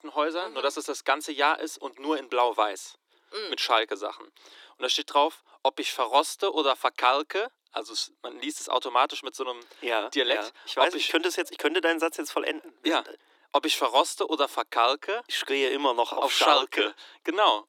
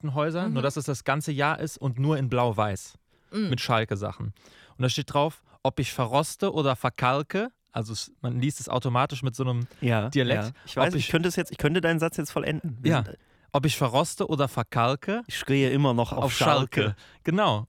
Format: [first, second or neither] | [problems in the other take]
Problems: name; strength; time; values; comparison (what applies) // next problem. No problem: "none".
second | thin; very; fading below 300 Hz